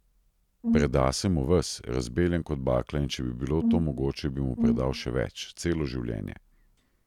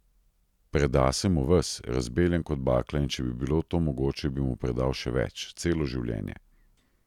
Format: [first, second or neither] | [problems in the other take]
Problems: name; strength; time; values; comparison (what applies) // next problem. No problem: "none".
second | background sound (Brass instrument); 1 dB below the speech